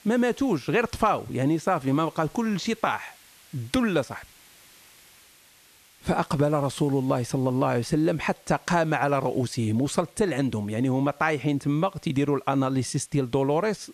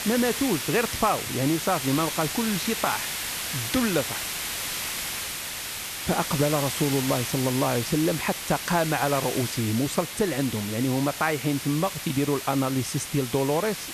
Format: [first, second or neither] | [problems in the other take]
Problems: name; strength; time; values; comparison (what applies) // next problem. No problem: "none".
first | hiss; loud; throughout; 4 dB below the speech; faint in the first